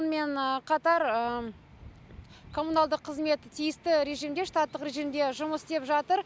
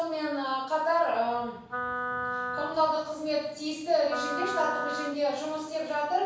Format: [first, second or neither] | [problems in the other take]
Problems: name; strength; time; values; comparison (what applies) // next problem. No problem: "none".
first | background sound (Wind instrument, woodwind instrument); 6 dB below the speech // room echo; dies away in 0.7 s